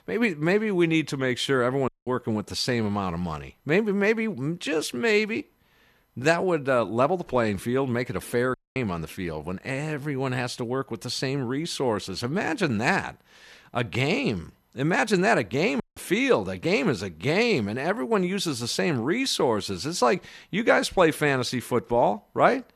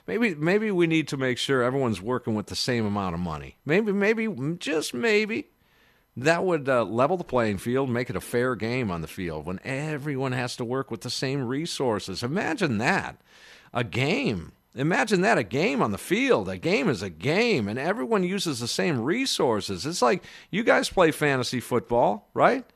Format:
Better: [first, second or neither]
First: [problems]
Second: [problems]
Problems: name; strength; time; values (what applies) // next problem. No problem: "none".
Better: second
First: audio cutting out; at 2 s, at 8.5 s and at 16 s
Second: none